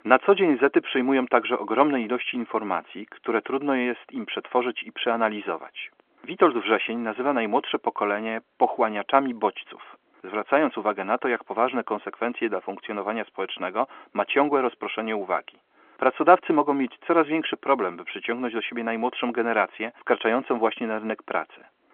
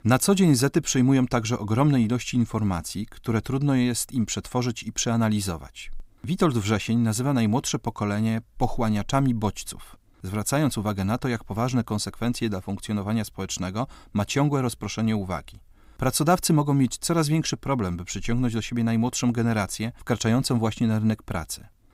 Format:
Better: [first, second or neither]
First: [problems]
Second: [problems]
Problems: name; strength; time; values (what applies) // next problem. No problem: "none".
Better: second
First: phone-call audio; nothing above 3.5 kHz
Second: none